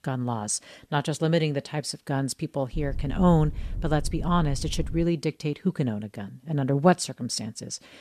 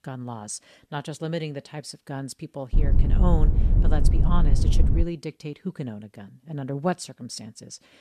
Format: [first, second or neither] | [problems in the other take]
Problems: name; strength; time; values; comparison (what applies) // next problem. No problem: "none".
first | low rumble; loud; from 2.5 to 5 s; 4 dB below the speech; faint in the first